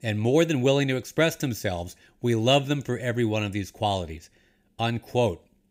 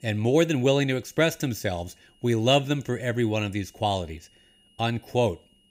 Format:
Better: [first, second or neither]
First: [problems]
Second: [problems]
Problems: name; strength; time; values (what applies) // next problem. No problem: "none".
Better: first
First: none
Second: high-pitched whine; faint; throughout; 3 kHz, 35 dB below the speech